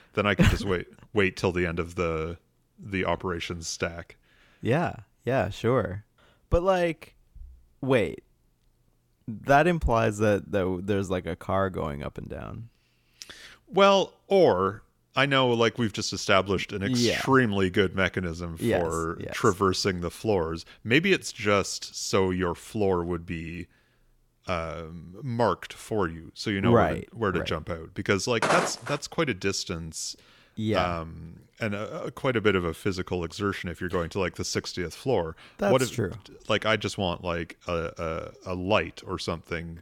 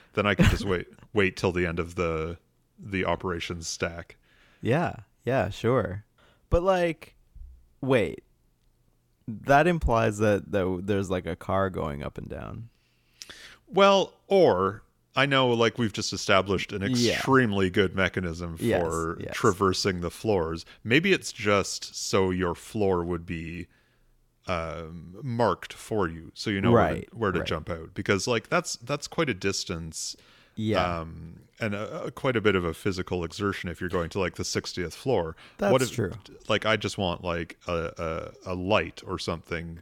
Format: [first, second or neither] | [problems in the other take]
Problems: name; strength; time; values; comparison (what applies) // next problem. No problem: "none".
second | footsteps; loud; at 28 s; peak 1 dB above the speech